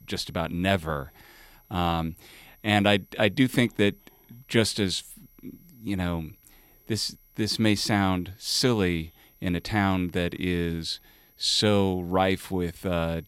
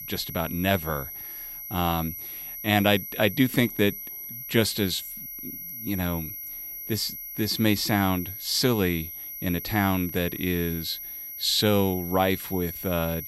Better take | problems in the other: first | high-pitched whine; loud; throughout; 12 kHz, 9 dB below the speech; faint in the first

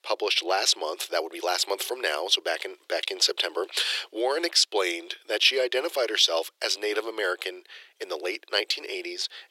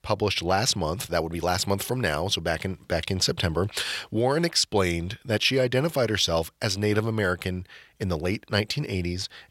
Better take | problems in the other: second | thin; very; fading below 350 Hz

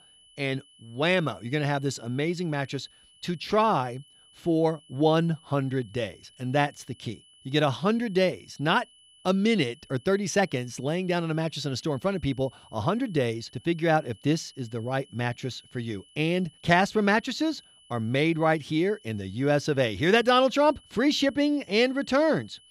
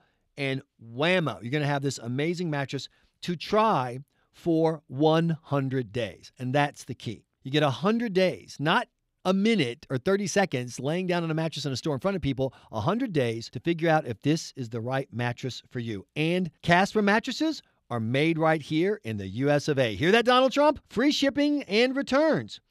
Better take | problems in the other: second | high-pitched whine; faint; throughout; 3 kHz, 30 dB below the speech

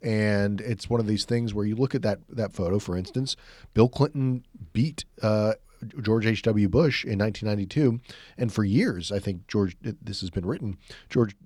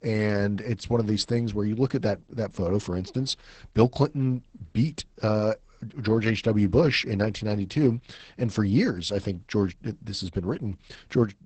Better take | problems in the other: first | garbled, watery; badly; nothing above 8 kHz

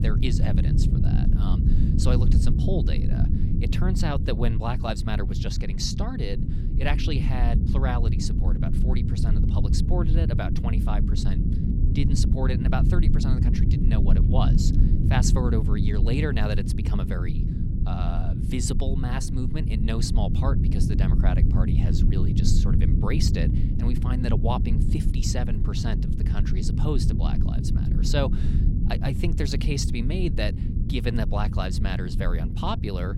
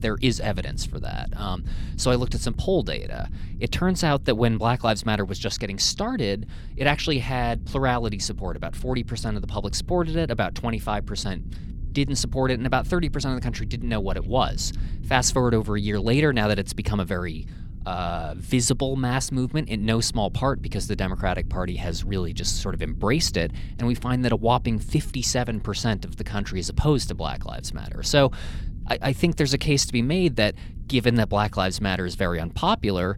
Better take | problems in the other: second | low rumble; loud; throughout; 3 dB below the speech; faint in the second

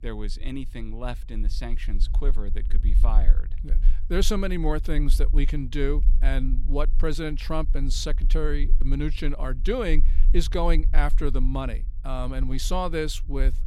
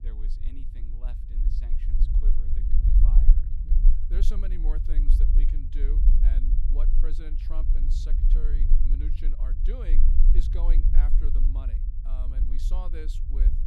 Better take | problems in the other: first | low rumble; loud; throughout; 1 dB below the speech; faint in the first

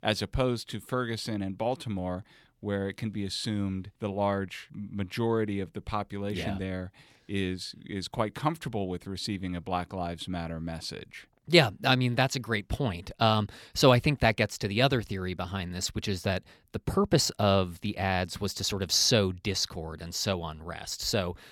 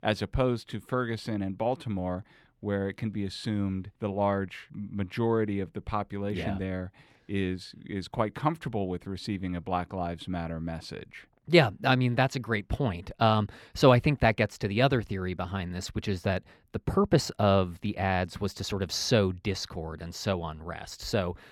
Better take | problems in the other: first | muffled; very slightly; fading above 3 kHz

